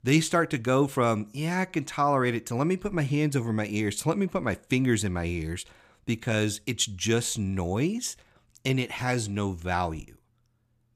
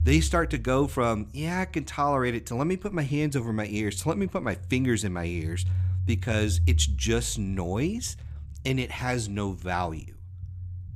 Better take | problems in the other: first | low rumble; faint; throughout; 20 dB below the speech

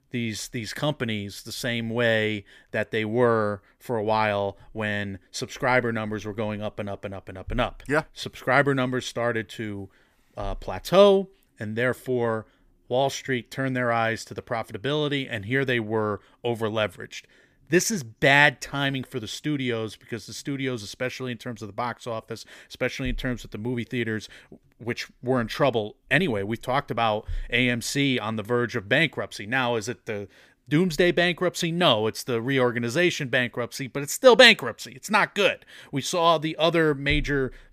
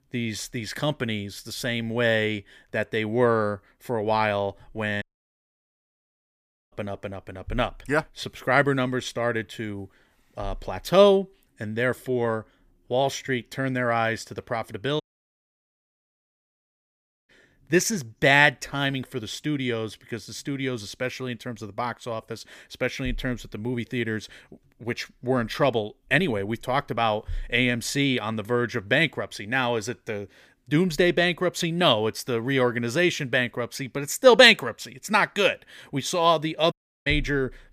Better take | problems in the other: first | audio cutting out; at 5 s for 1.5 s, at 15 s for 2.5 s and at 37 s

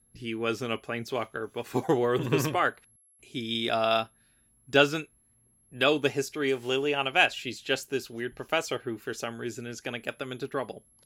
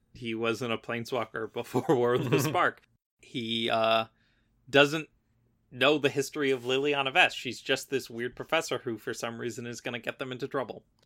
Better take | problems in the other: second | high-pitched whine; faint; throughout; 11 kHz, 35 dB below the speech

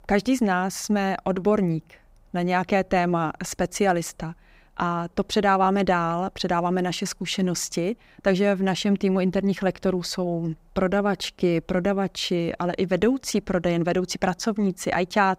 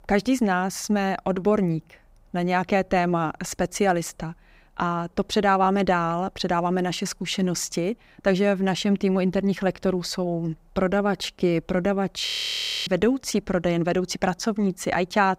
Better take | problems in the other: first | audio freezing; at 12 s for 0.5 s

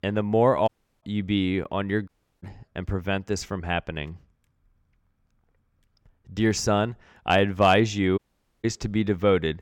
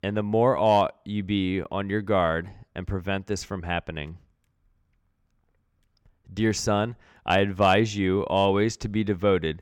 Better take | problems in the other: second | audio cutting out; at 0.5 s, at 2 s and at 8 s

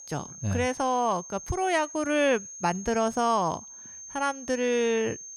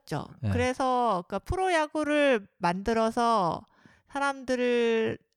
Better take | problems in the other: second | high-pitched whine; noticeable; throughout; 6.5 kHz, 15 dB below the speech

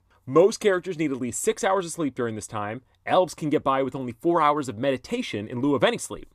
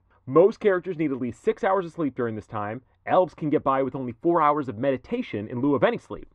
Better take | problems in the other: first | muffled; very; fading above 2 kHz

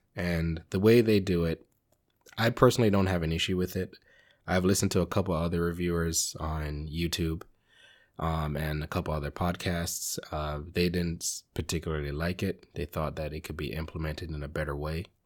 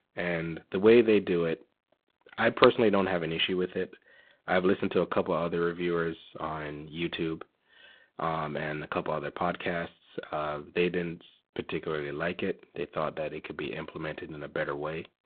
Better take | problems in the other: first | phone-call audio; poor line; nothing above 3.5 kHz

